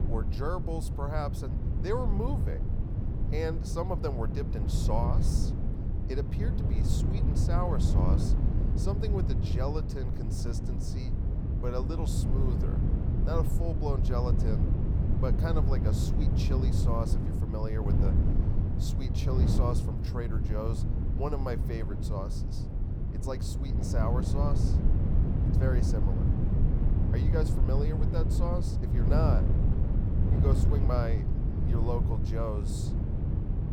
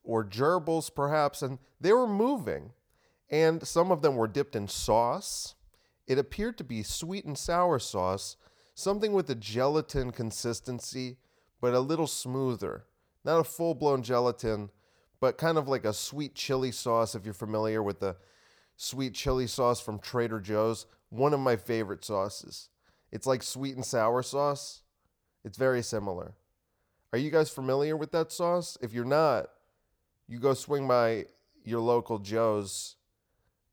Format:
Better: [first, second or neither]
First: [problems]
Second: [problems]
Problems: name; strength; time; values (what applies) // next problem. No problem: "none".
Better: second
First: wind noise on the microphone; heavy; 3 dB below the speech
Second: none